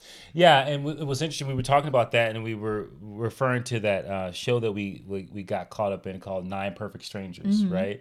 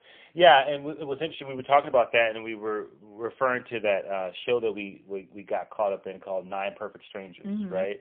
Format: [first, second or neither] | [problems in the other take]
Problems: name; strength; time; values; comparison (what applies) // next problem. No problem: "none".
first | phone-call audio; poor line; nothing above 3 kHz